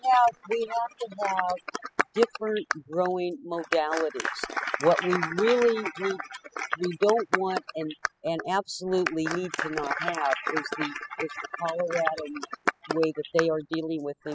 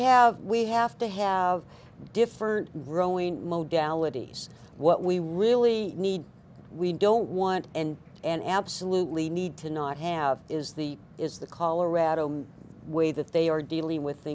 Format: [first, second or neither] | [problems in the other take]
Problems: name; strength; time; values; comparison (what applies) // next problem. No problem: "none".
second | noise reduction (classical method spectral subtraction)